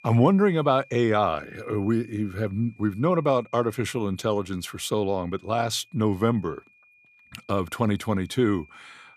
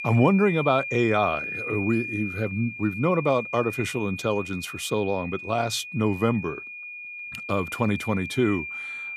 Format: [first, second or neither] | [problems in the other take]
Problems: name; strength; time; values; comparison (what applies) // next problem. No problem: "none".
first | high-pitched whine; loud; throughout; 2.5 kHz, 8 dB below the speech; faint in the first